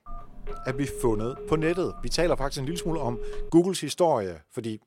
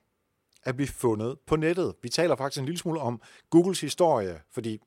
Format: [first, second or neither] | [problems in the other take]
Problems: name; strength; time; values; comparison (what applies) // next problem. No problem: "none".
second | phone ringing; faint; until 3.5 s; peak 10 dB below the speech